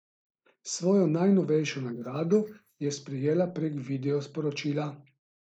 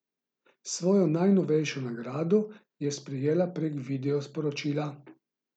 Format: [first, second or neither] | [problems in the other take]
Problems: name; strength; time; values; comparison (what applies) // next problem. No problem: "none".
second | noise reduction (neural mask model Resemble Enhance denoiser)